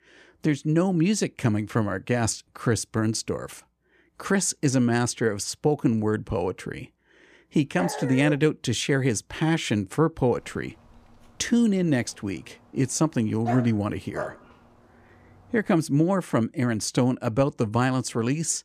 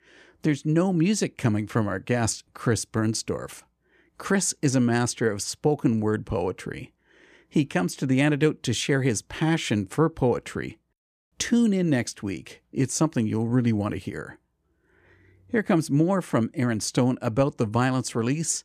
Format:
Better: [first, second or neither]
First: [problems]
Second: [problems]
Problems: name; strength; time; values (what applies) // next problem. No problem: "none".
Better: second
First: dog barking; noticeable; at 8 s and at 13 s; peak 7 dB below the speech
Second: none